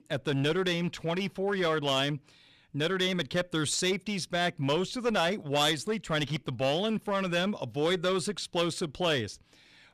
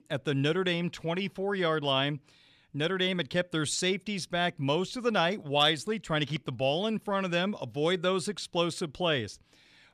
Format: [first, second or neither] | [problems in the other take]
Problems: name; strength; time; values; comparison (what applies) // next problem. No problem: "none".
second | distortion; slight; 6% of the sound clipped